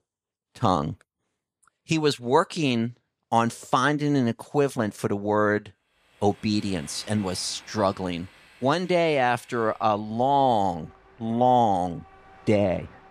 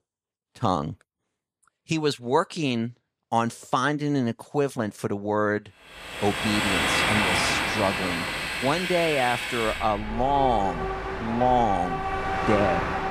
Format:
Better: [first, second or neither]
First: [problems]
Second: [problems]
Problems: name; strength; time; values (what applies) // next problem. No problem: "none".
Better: first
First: train or aircraft noise; faint; from 6 s on; 25 dB below the speech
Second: train or aircraft noise; loud; from 6 s on; as loud as the speech